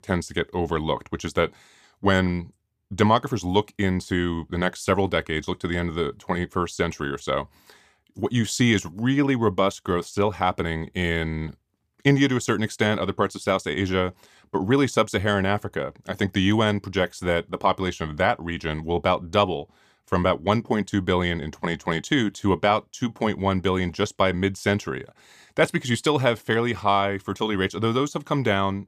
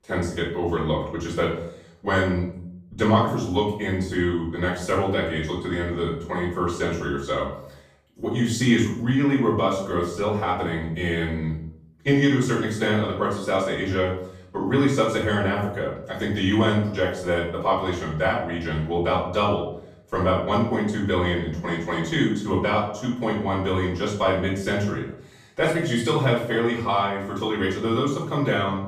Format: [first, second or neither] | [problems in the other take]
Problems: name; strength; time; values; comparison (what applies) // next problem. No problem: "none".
first | off-mic speech; far // room echo; noticeable; dies away in 0.6 s